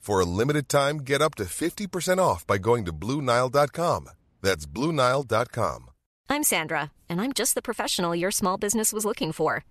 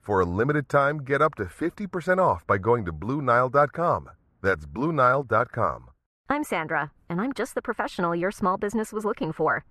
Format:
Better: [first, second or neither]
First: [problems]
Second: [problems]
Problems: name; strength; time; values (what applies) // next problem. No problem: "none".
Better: first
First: none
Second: muffled; very; fading above 2.5 kHz